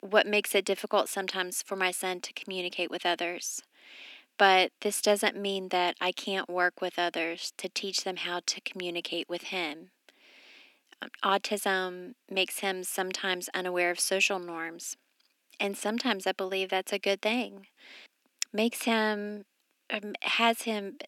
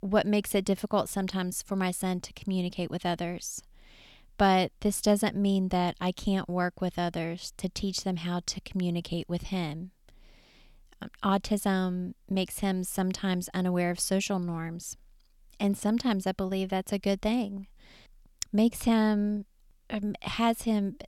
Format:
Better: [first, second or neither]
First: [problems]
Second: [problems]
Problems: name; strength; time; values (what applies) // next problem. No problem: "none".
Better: second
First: thin; somewhat; fading below 250 Hz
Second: none